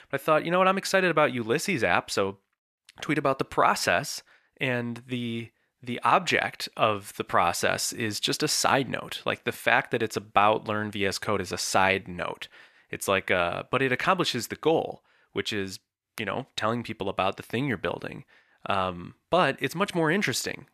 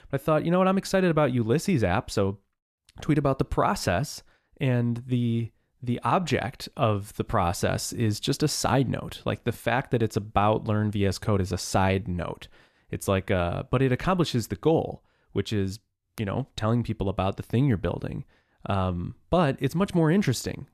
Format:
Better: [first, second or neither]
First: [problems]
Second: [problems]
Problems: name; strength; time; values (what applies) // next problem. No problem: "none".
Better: second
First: thin; somewhat; fading below 1 kHz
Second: none